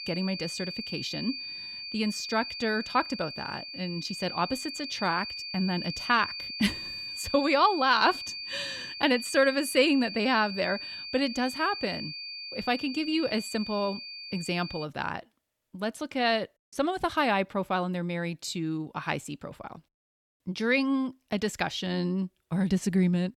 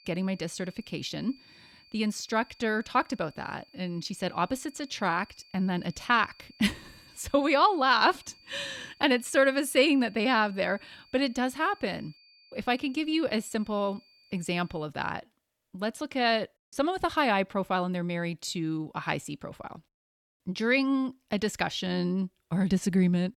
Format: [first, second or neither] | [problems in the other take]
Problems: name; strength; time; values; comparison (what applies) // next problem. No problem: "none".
second | high-pitched whine; loud; until 15 s; 4.5 kHz, 7 dB below the speech; faint in the second